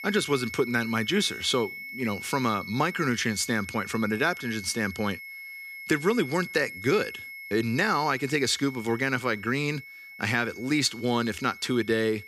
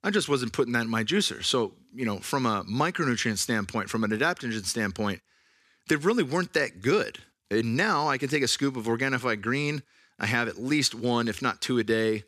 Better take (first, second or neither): second